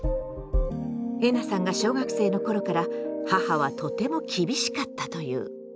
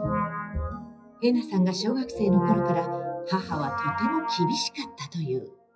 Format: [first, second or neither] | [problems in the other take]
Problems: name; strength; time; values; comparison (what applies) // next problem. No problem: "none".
first | noise reduction (classical method WPE with log-MMSE)